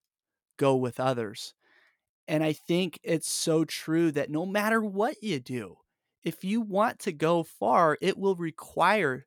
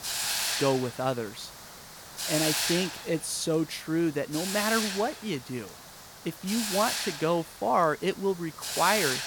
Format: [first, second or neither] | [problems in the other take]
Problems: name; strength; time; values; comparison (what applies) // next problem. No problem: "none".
first | hiss; loud; throughout; 1 dB below the speech